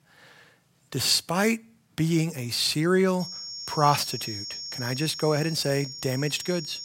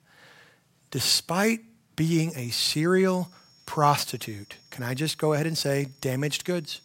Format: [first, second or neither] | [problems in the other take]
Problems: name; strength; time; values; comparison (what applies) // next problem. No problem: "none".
second | high-pitched whine; loud; from 3 s on; 5.5 kHz, 9 dB below the speech; faint in the second